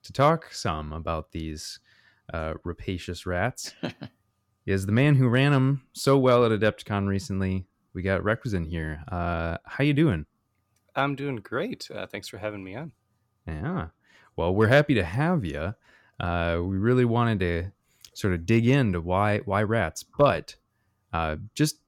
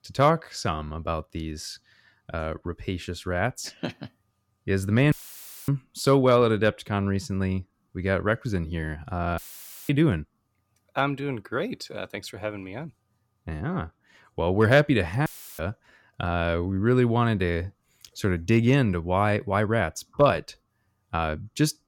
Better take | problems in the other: first | audio cutting out; filled with static; at 5 s for 0.5 s, at 9.5 s for 0.5 s and at 15 s

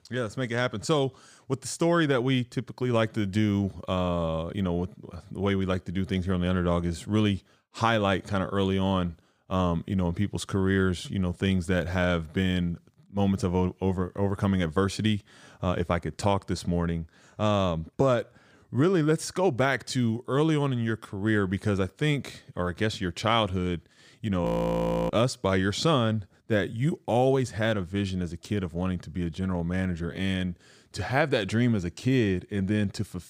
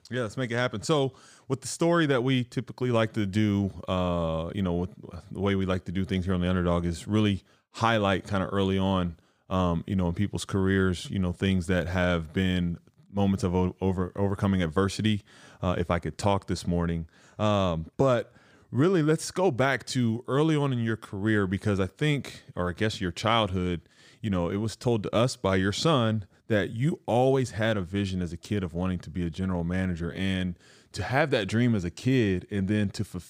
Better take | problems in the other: second | audio freezing; at 24 s for 0.5 s

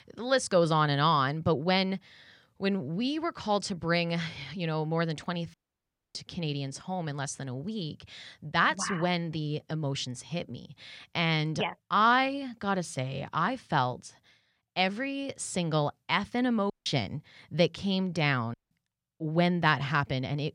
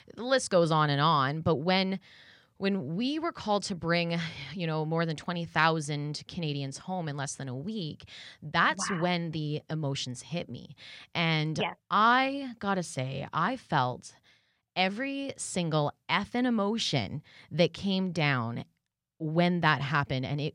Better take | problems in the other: second | audio cutting out; at 5.5 s for 0.5 s, at 17 s and at 19 s

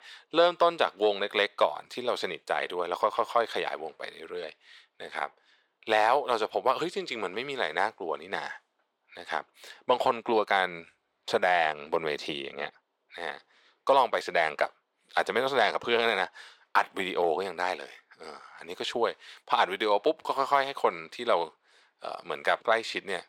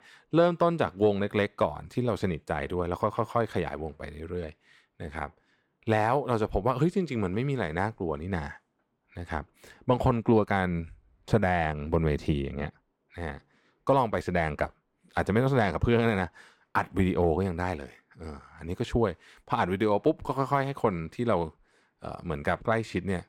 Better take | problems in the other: second | thin; very; fading below 600 Hz

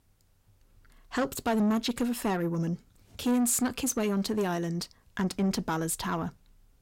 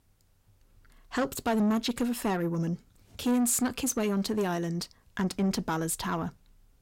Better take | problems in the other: neither | distortion; slight; 10 dB below the speech; the same in both

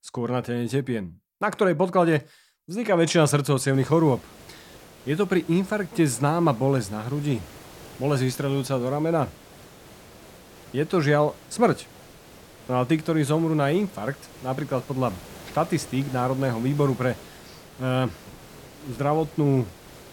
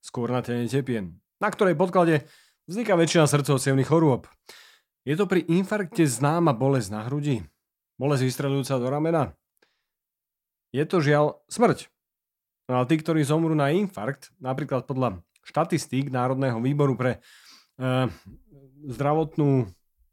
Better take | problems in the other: second | hiss; faint; from 3.5 s on; 20 dB below the speech

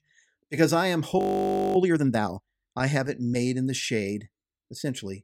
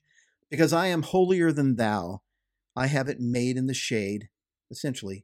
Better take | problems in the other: second | audio freezing; at 1 s for 0.5 s

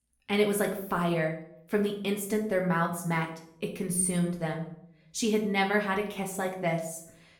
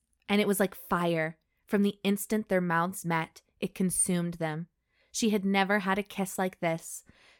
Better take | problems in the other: second | room echo; slight; dies away in 0.5 s // off-mic speech; somewhat distant

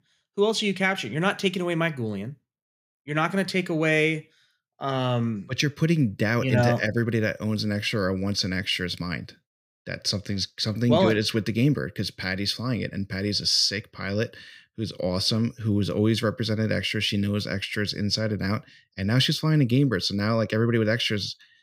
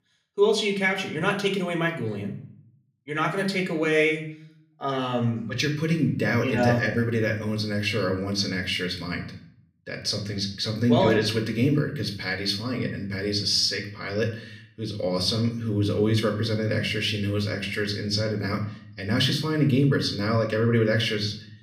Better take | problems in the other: first | room echo; slight; dies away in 0.5 s // off-mic speech; somewhat distant

